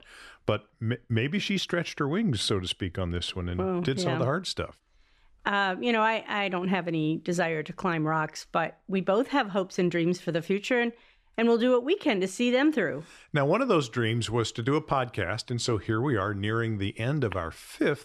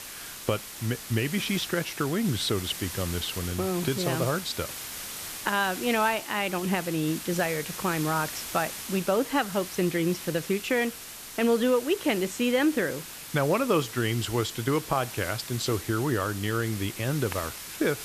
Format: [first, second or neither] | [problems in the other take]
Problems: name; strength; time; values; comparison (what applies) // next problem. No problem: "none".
first | hiss; loud; throughout; 9 dB below the speech